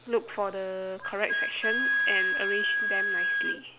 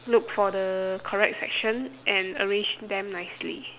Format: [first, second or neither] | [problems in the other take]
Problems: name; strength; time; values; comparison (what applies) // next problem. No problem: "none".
second | background sound (Wind instrument, woodwind instrument); 4 dB above the speech